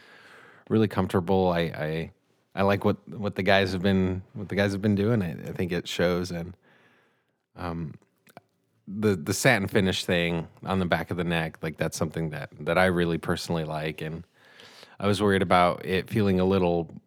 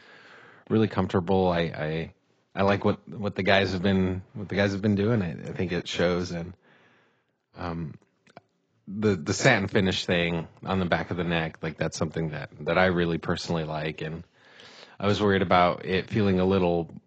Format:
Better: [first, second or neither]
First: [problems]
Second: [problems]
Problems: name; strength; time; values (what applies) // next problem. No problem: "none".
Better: first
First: none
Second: garbled, watery; badly; nothing above 7.5 kHz